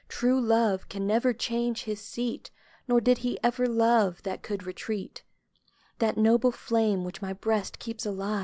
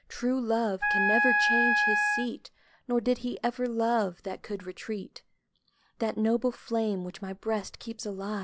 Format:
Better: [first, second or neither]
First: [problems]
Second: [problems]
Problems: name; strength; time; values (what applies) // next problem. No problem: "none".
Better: first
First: none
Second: background sound (Wind instrument, woodwind instrument); 4 dB above the speech